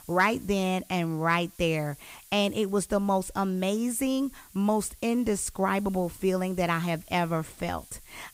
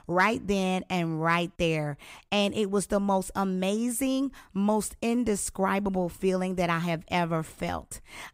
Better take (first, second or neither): second